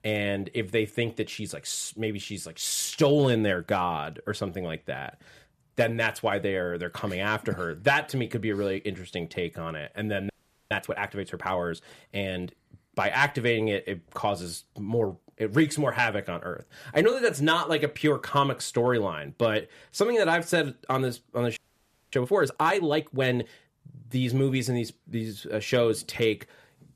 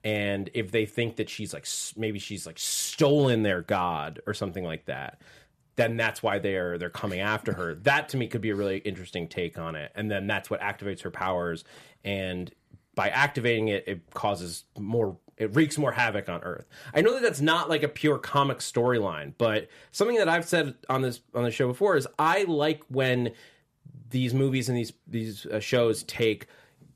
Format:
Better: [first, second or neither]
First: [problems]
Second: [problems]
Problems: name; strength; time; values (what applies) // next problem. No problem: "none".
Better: second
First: audio freezing; at 10 s and at 22 s for 0.5 s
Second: none